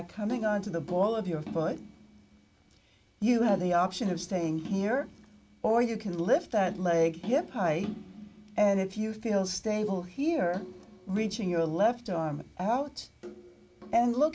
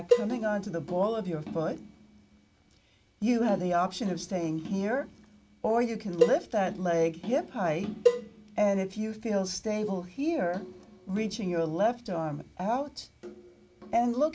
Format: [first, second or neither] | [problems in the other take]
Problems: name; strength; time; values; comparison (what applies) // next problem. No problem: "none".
first | background sound (Cowbell); as loud as the speech